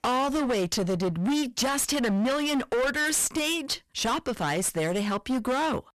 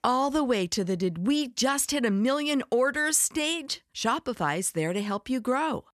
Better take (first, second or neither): second